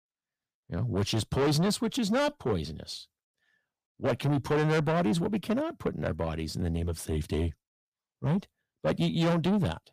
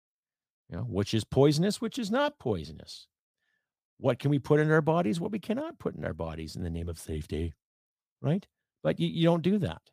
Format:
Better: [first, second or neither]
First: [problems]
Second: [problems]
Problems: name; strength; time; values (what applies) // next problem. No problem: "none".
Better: second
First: distortion; heavy; 6 dB below the speech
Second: none